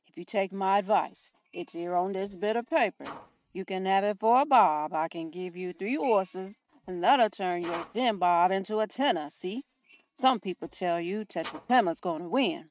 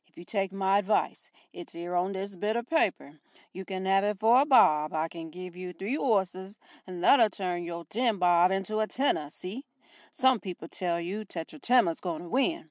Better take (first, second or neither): second